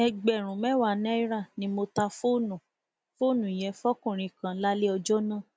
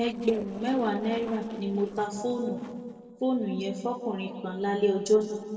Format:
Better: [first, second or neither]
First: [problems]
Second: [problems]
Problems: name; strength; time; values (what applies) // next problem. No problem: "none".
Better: first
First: none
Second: noise reduction (neural separator model SepFormer DNS4)